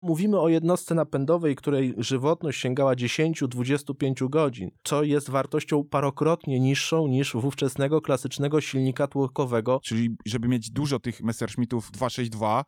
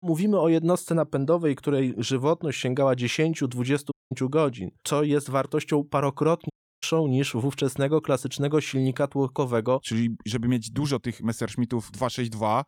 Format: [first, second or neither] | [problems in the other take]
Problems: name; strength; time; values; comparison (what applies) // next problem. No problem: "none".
first | audio cutting out; at 4 s and at 6.5 s